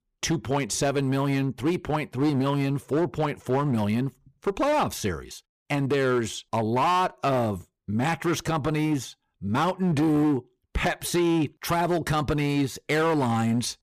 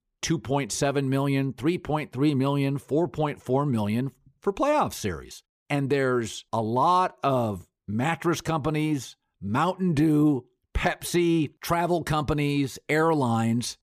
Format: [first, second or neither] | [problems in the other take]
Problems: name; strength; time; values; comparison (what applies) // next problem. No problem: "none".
second | distortion; slight; 11% of the sound clipped